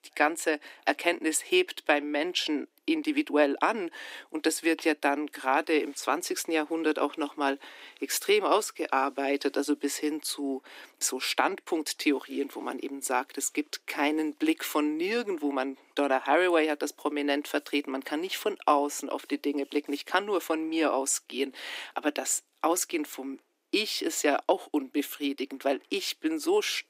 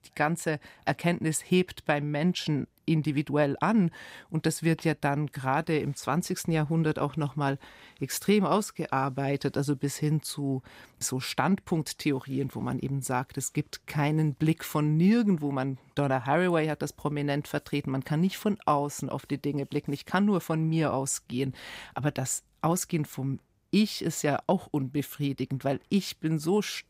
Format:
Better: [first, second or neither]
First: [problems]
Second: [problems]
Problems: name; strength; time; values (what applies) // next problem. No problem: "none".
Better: second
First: thin; somewhat; fading below 300 Hz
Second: none